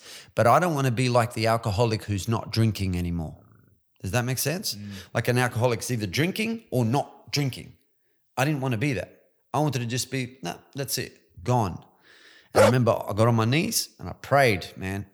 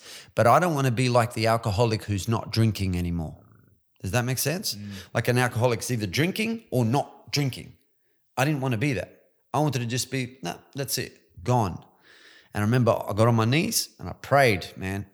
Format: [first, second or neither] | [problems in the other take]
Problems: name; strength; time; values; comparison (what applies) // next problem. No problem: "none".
second | dog barking; loud; at 13 s; peak 5 dB above the speech